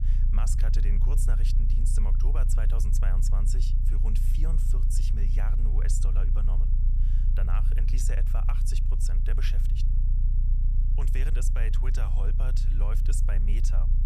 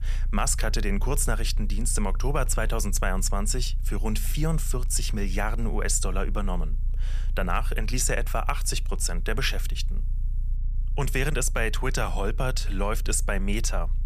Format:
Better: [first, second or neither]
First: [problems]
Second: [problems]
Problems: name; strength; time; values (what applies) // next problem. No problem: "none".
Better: second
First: low rumble; loud; throughout; 5 dB below the speech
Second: low rumble; faint; throughout; 25 dB below the speech